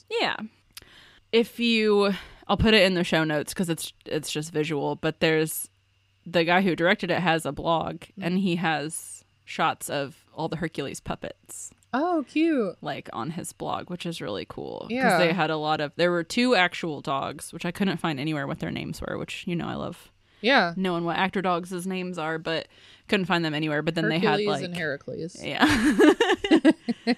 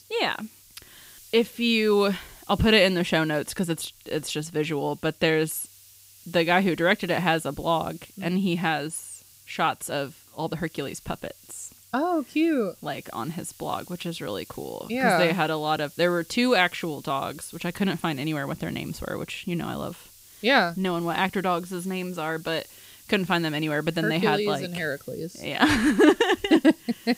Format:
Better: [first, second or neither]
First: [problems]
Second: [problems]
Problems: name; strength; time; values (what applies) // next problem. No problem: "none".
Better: first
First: none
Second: hiss; faint; throughout; 25 dB below the speech